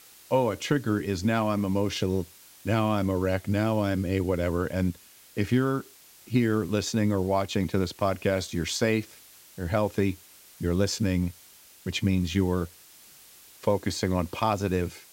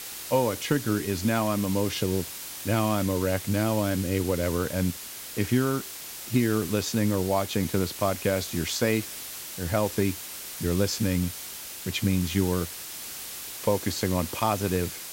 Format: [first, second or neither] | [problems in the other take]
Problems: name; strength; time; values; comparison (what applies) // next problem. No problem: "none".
first | hiss; loud; throughout; 8 dB below the speech; faint in the first